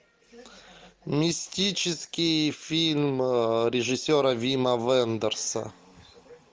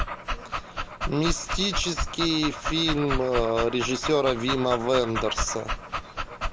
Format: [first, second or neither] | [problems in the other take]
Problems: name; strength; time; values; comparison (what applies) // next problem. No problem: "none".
first | background sound (Dog); 4 dB below the speech